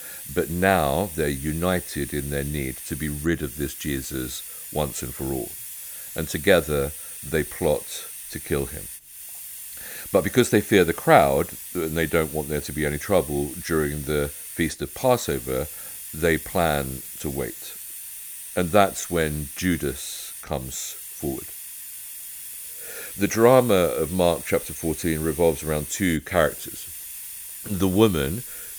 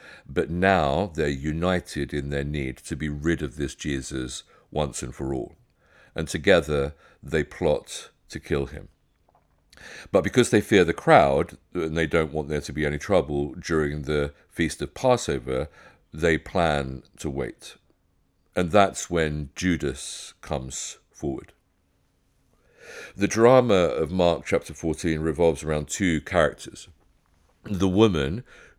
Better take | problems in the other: second | hiss; noticeable; throughout; 10 dB below the speech

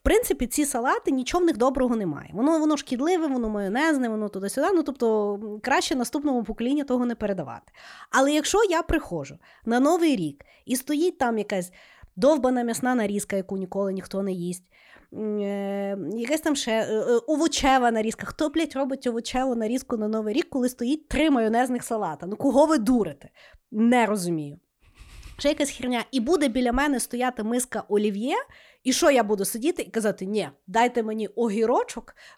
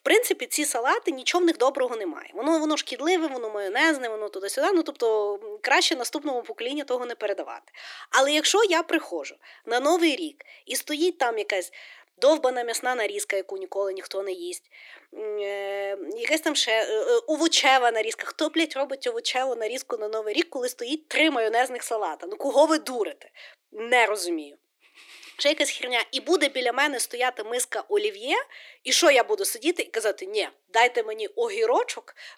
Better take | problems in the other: first | thin; somewhat; fading below 300 Hz

